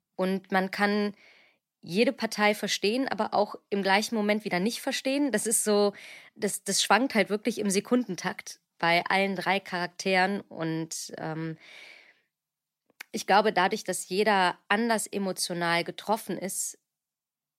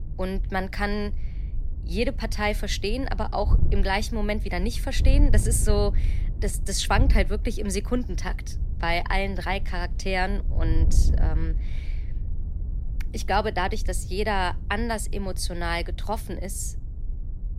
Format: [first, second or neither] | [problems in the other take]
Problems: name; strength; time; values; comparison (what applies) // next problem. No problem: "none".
first | wind noise on the microphone; occasional gusts; 20 dB below the speech